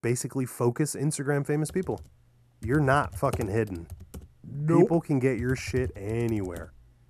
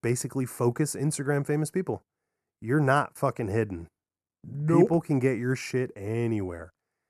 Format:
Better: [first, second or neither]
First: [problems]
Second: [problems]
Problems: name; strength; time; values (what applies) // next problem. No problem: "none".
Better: second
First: keyboard typing; noticeable; from 1.5 s on; peak 9 dB below the speech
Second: none